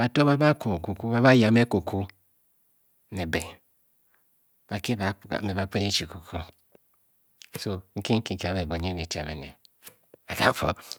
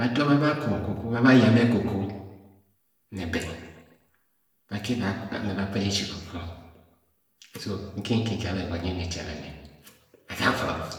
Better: first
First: none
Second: room echo; dies away in 1 s

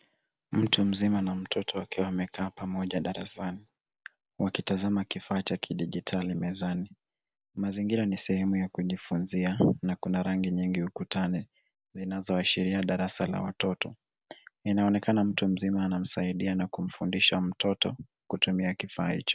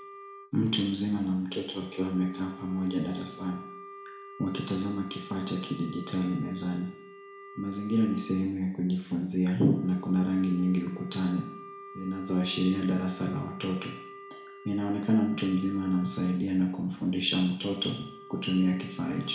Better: first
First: none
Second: background sound (Wind instrument, woodwind instrument); 18 dB below the speech // room echo; dies away in 0.6 s

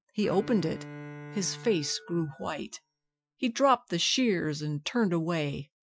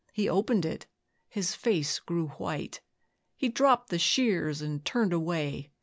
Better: second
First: noise reduction (classical method Wiener filter)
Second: none

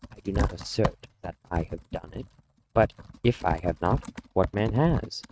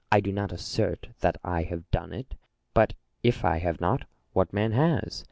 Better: second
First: noise reduction (neural mask model RNNoise)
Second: none

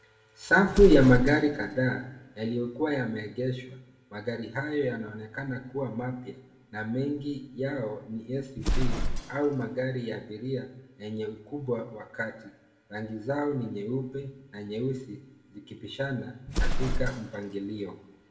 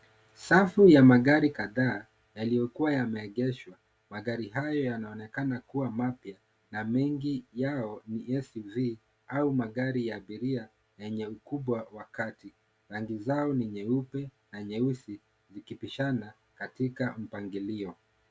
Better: second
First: background sound (Explosion); 5 dB below the speech // room echo; dies away in 0.8 s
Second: none

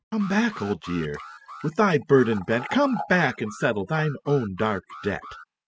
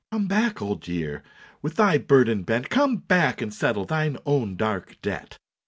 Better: second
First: noise reduction (classical method spectral subtraction)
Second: none

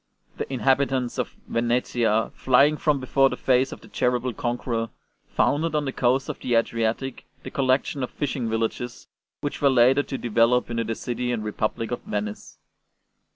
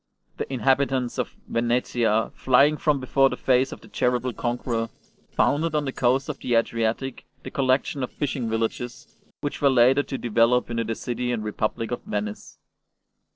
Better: first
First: none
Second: noise reduction (neural separator model SepFormer DNS4)

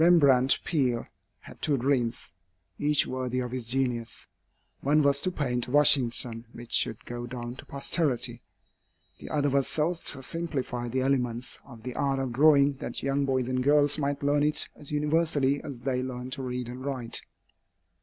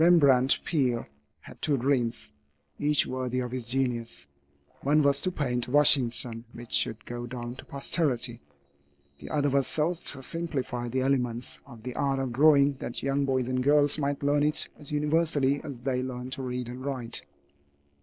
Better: first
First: none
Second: noise reduction (neural separator model SepFormer DNS4)

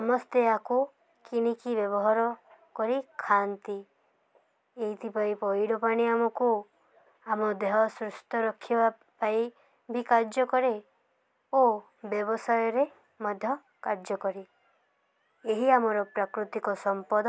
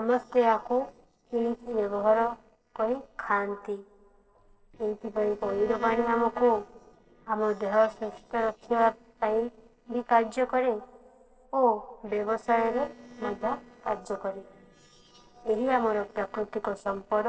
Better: first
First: none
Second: noise reduction (neural separator model SepFormer DNS4)

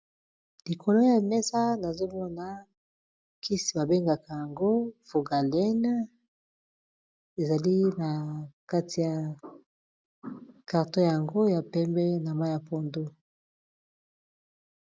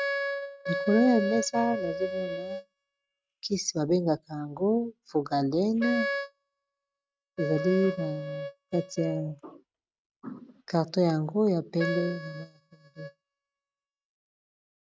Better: first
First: none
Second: noise reduction (neural mask model RNNoise)

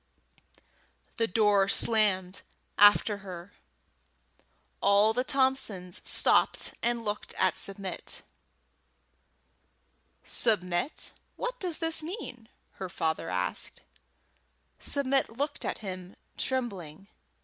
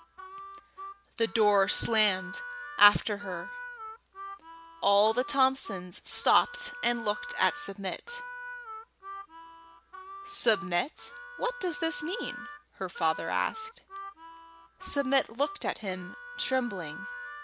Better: first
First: none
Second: background sound (Harmonica); 12 dB below the speech

